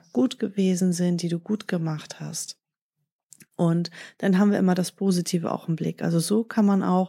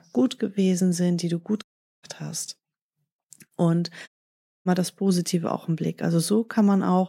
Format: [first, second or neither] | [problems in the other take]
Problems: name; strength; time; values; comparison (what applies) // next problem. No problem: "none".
first | audio cutting out; at 1.5 s and at 4 s for 0.5 s